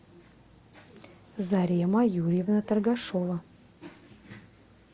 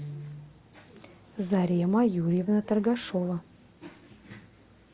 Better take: first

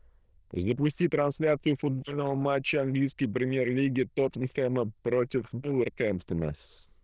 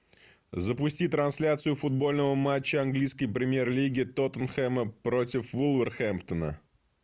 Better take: second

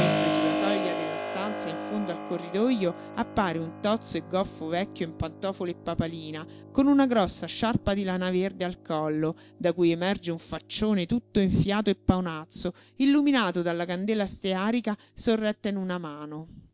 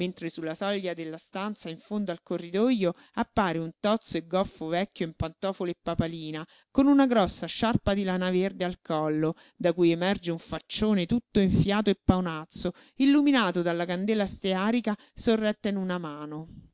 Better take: second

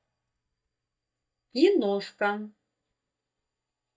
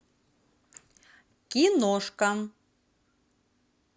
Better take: second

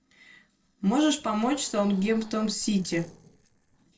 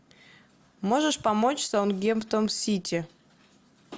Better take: second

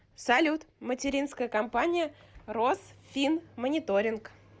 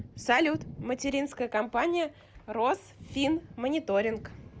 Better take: first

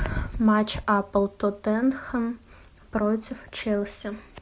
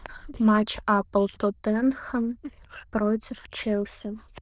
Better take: first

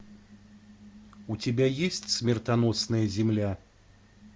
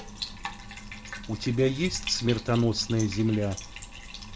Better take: first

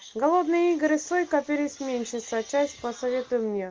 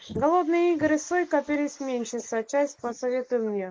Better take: first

